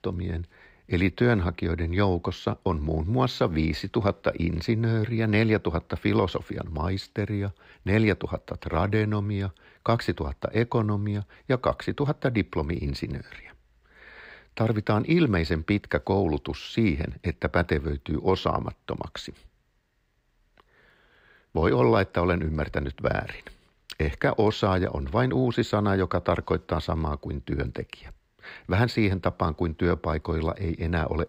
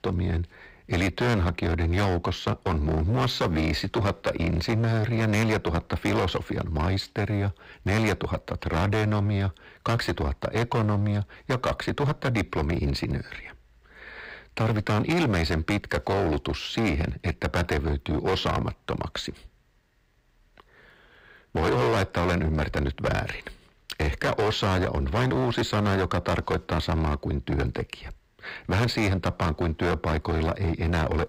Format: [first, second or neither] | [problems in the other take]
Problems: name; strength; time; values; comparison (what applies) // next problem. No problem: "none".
first | distortion; heavy; 17% of the sound clipped